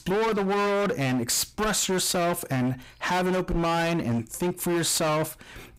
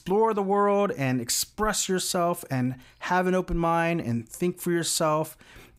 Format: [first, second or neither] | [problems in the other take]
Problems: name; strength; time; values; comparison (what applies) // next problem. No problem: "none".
second | distortion; heavy; 30% of the sound clipped